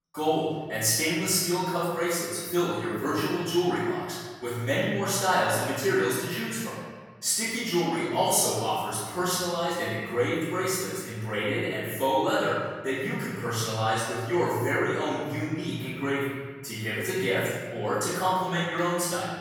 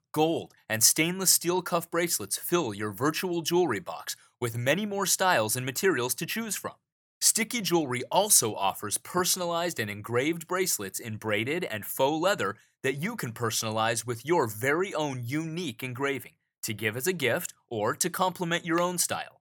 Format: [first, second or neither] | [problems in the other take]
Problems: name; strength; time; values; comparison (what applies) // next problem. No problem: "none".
second | off-mic speech; far // room echo; strong; dies away in 1.6 s